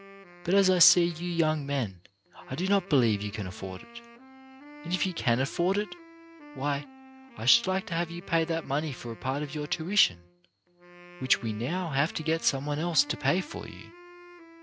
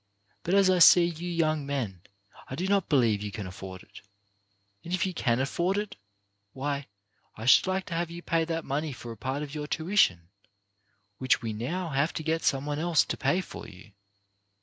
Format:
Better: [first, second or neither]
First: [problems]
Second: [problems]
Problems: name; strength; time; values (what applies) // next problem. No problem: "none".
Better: second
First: background sound (Wind instrument, woodwind instrument); 19 dB below the speech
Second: none